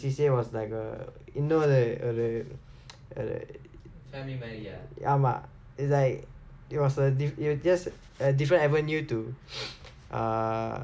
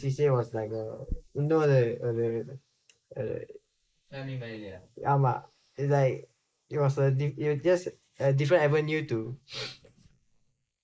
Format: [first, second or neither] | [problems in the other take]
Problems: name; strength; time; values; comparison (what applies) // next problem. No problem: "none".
first | noise reduction (neural mask model Resemble Enhance denoiser)